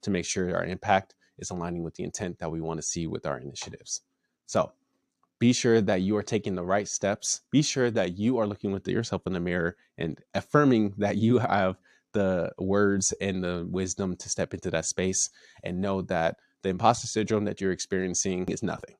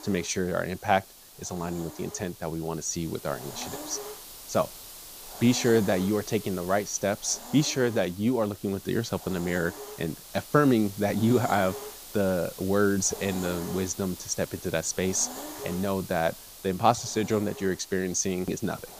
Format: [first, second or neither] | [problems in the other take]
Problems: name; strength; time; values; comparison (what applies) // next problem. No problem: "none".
first | hiss; noticeable; throughout; 15 dB below the speech